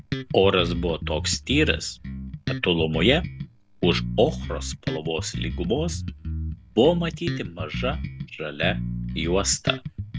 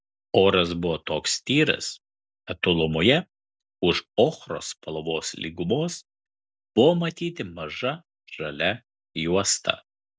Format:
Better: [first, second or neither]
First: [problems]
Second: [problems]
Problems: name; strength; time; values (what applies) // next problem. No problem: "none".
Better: second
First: background sound (Bass guitar); 5 dB below the speech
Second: none